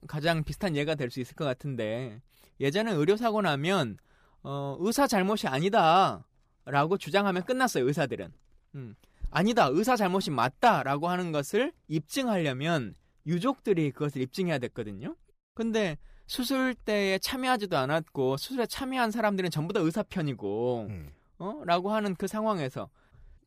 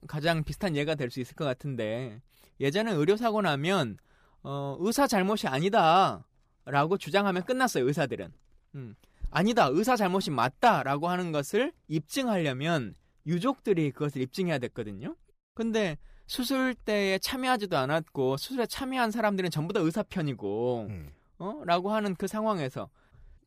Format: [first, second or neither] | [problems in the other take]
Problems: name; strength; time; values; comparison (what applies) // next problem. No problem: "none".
neither | none